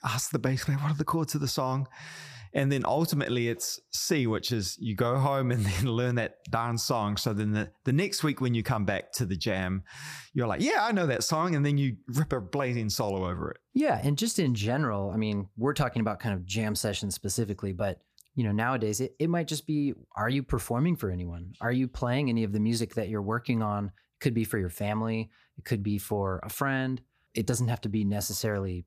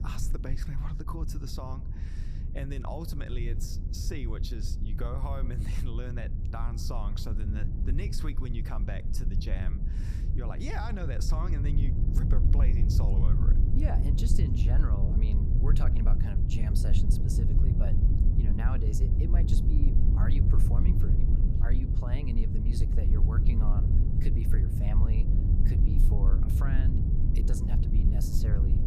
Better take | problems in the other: first | low rumble; loud; throughout; 1 dB below the speech

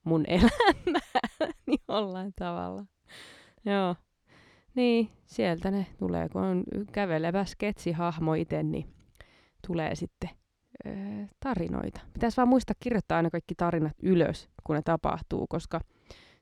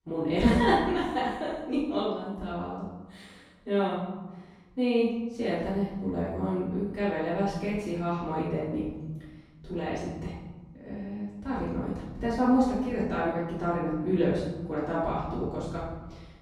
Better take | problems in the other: first | room echo; noticeable; dies away in 1 s // off-mic speech; far

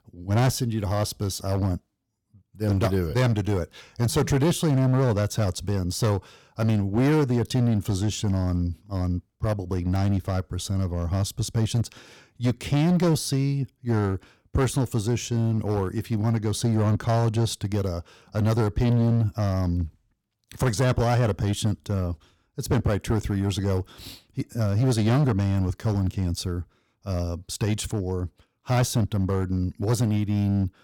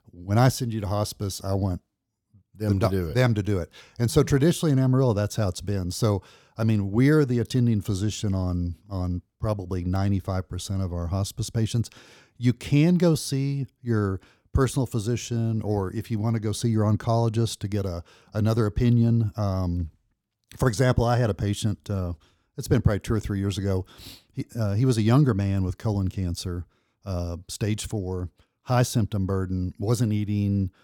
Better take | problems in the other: second | distortion; slight; 8% of the sound clipped

